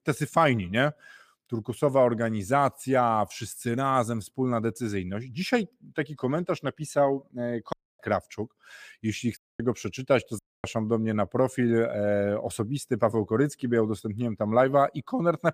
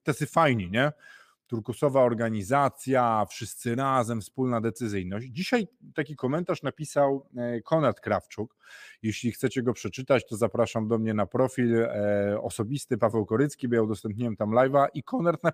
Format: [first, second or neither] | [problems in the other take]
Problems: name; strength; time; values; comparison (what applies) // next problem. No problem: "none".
second | audio cutting out; at 7.5 s, at 9.5 s and at 10 s